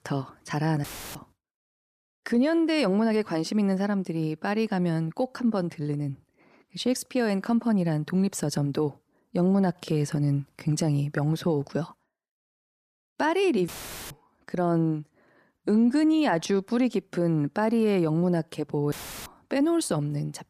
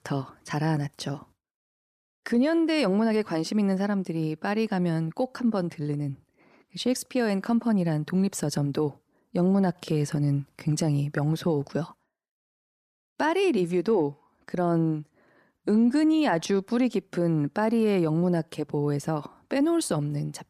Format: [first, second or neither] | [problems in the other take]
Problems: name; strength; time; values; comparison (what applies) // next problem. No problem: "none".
second | audio cutting out; filled with static; at 1 s, at 14 s and at 19 s